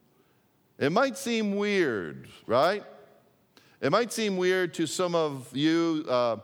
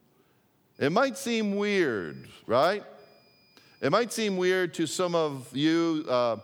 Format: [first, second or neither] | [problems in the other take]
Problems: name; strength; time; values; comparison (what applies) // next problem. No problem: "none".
first | high-pitched whine; faint; from 1 to 2.5 s, from 3 to 4 s and from 5 s on; 5 kHz, 35 dB below the speech